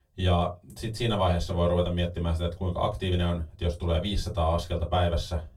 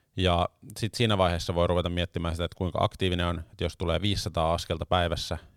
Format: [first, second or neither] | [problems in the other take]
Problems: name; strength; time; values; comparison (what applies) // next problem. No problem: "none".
second | off-mic speech; far // room echo; very slight; dies away in 0.2 s